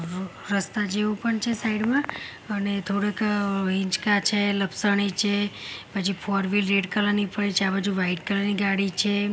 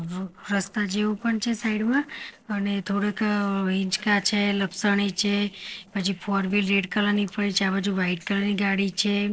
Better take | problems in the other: first | noise reduction (neural separator model SepFormer DNS4)

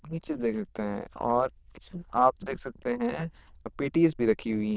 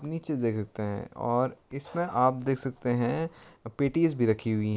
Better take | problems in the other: second | noise reduction (neural diffusion model UNIVERSE++)

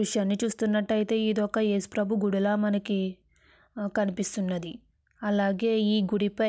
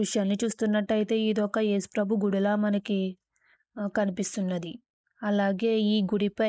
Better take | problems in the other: first | noise reduction (neural mask model Resemble Enhance denoiser)

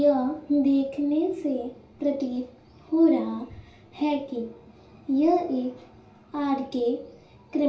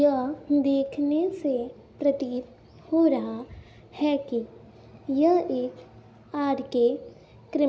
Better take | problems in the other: second | room echo; dies away in 0.3 s

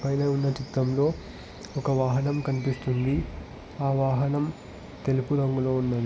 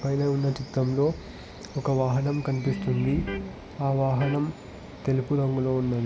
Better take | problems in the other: first | background sound (Electric guitar); 10 dB below the speech

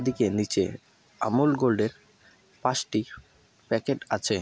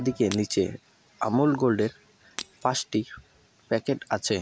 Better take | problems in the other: first | background sound (Shatter); 15 dB below the speech

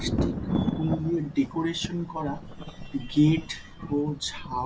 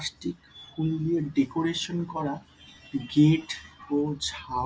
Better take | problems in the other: second | background sound (Thunder); 4 dB below the speech

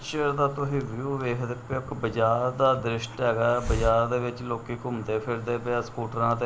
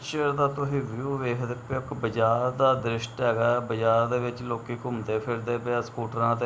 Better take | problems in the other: second | background sound (Hiss); 12 dB below the speech

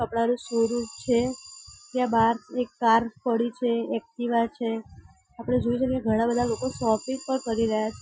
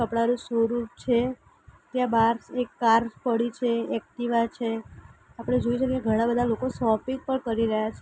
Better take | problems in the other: second | noise reduction (classical method Wiener filter)

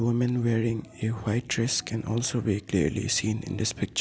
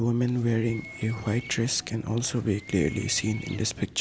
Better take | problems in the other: first | background sound (Bird); 19 dB below the speech

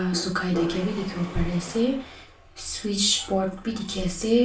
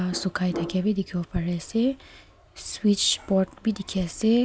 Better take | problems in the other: second | background sound (Mechanisms); 17 dB below the speech // room echo; dies away in 0.3 s

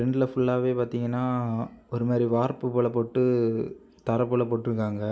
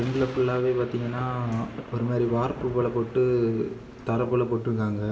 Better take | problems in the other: first | background sound (Thunder / Rain); 15 dB below the speech // room echo; dies away in 2.9 s

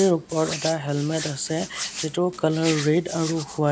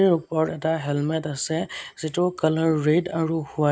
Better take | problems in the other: second | background sound (Hands); 11 dB below the speech

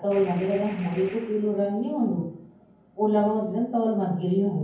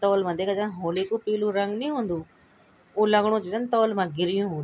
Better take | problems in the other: second | background sound (Gunshot, gunfire); 20 dB below the speech // room echo; dies away in 0.9 s

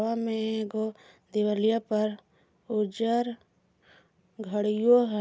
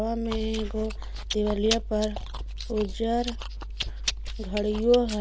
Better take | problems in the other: first | background sound (Chewing, mastication); 5 dB below the speech

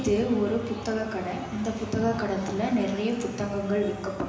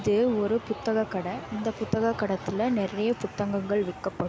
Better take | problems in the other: second | room echo; dies away in 1 s

